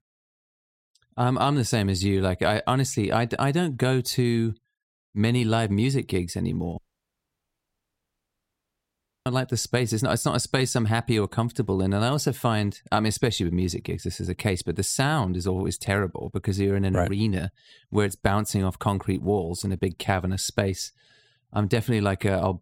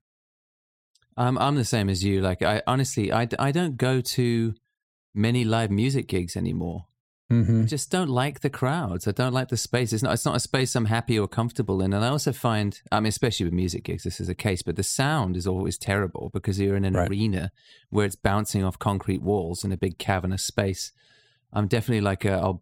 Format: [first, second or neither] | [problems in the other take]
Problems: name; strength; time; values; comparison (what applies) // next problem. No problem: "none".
second | audio cutting out; at 7 s for 2.5 s